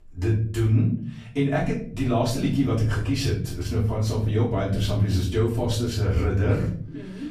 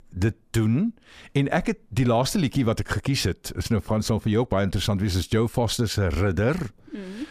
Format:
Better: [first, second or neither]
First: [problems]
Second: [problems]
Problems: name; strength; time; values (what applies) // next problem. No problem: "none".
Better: second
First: off-mic speech; far // room echo; slight; dies away in 0.7 s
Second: none